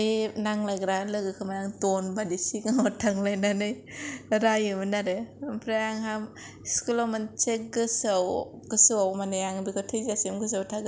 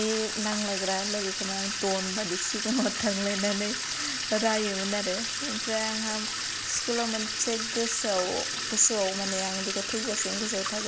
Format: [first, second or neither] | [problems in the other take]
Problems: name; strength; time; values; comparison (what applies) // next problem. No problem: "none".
first | background sound (Sink (filling or washing) / Water tap, faucet); 1 dB below the speech